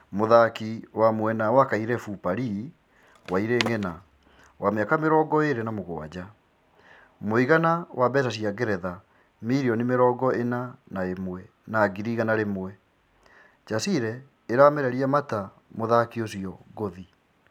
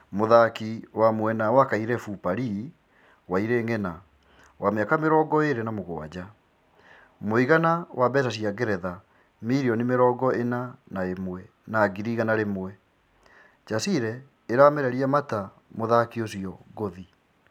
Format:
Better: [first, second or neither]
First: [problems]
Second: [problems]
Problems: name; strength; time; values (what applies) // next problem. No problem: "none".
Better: second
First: background sound (Skateboard); 15 dB below the speech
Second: none